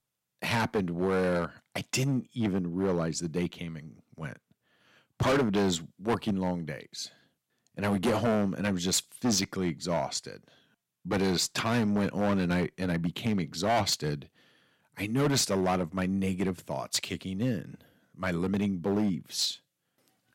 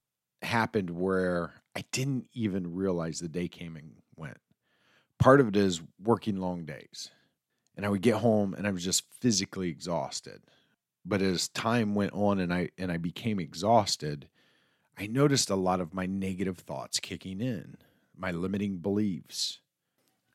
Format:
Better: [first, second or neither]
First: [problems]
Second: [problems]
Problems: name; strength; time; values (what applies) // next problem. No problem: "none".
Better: second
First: distortion; heavy; 7% of the sound clipped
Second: none